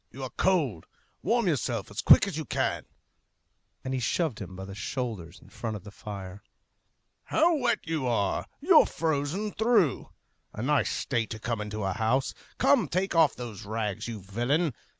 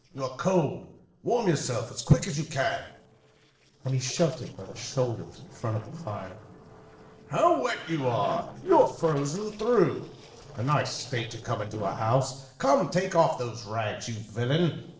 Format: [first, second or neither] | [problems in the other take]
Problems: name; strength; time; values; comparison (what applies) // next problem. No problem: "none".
first | noise reduction (neural separator model SepFormer DNS4)